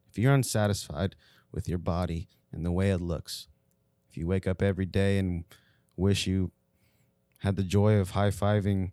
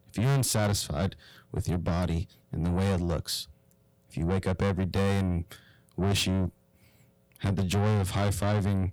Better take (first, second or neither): first